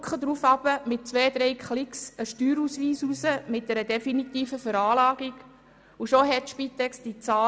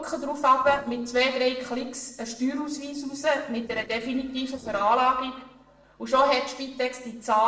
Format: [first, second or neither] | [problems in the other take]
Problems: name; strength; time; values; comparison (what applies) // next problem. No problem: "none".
first | noise reduction (neural separator model SepFormer DNS4)